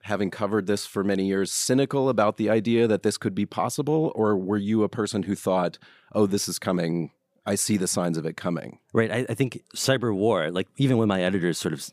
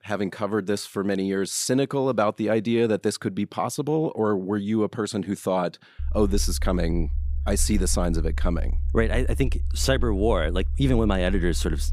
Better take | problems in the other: first | low rumble; faint; from 6 s on; 25 dB below the speech

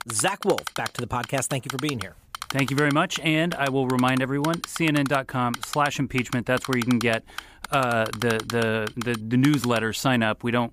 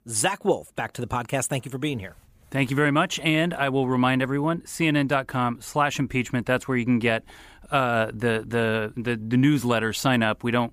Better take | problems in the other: second | keyboard typing; noticeable; until 10 s; peak 7 dB below the speech

